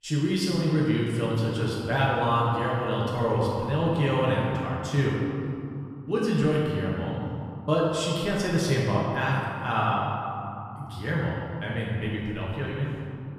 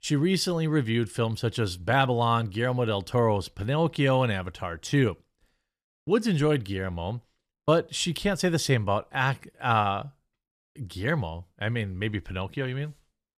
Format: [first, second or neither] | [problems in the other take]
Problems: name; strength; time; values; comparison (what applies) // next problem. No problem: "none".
second | room echo; strong; dies away in 2.6 s // off-mic speech; far